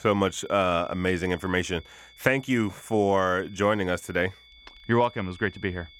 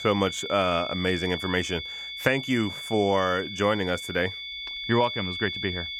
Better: first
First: high-pitched whine; faint; throughout; 3.5 kHz, 25 dB below the speech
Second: high-pitched whine; loud; throughout; 3.5 kHz, 6 dB below the speech

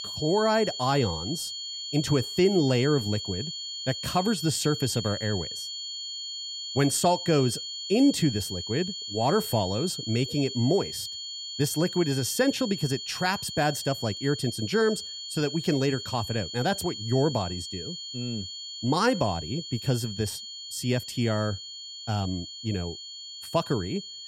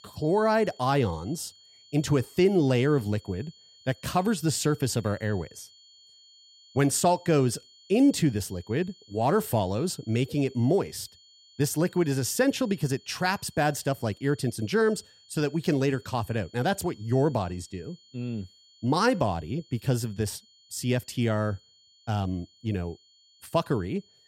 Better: second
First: high-pitched whine; loud; throughout; 4.5 kHz, 7 dB below the speech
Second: high-pitched whine; faint; throughout; 4.5 kHz, 25 dB below the speech

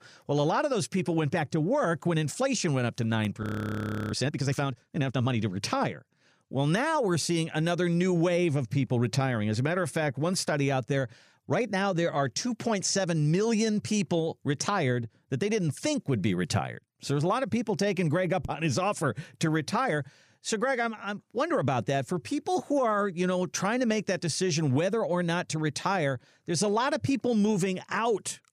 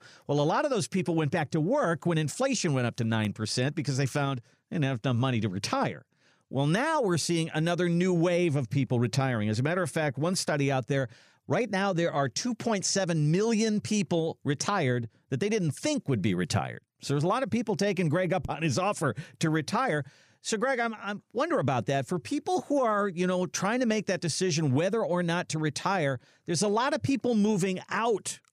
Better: second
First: audio freezing; at 3.5 s for 0.5 s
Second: none

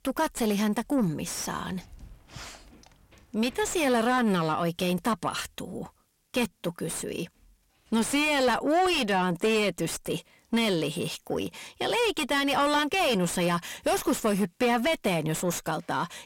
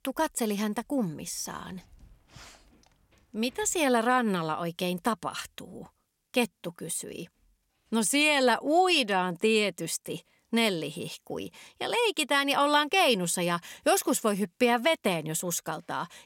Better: second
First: distortion; heavy; 7 dB below the speech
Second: none

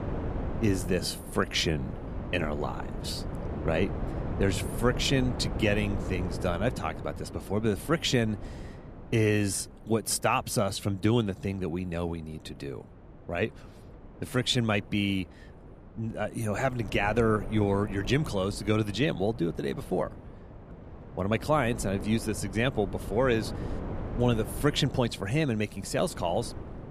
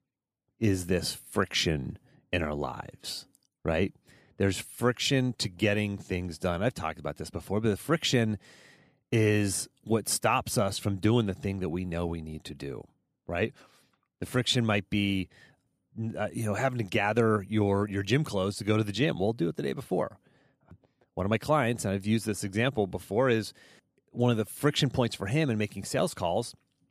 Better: second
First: wind noise on the microphone; occasional gusts; 15 dB below the speech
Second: none

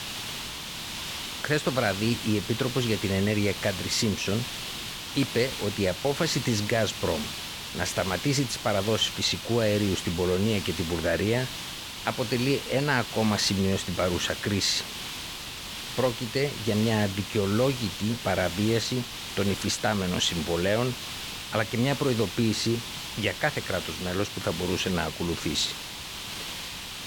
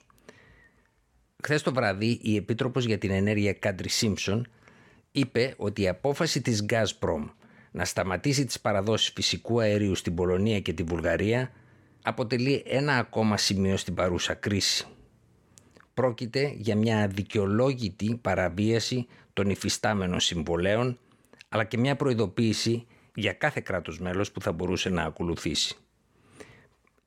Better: second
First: hiss; loud; throughout; 7 dB below the speech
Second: none

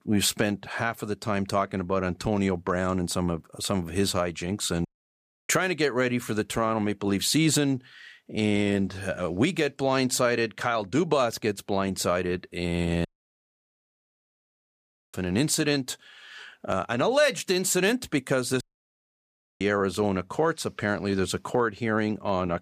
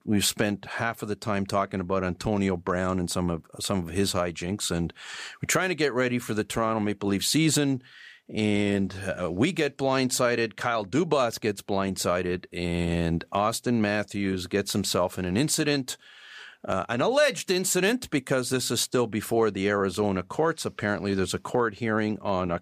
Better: second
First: audio cutting out; at 5 s for 0.5 s, at 13 s for 2 s and at 19 s for 1 s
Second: none

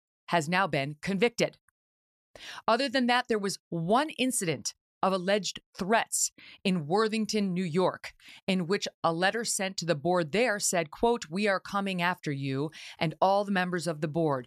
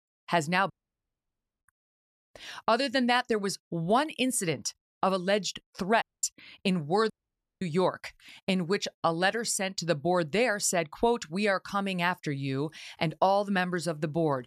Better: first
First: none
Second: audio cutting out; at 0.5 s for 1 s, at 6 s and at 7 s for 0.5 s

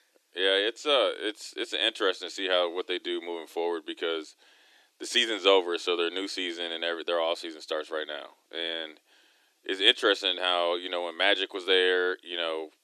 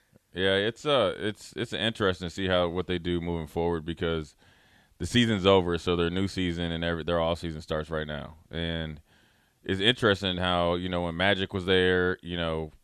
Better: second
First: thin; somewhat; fading below 300 Hz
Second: none

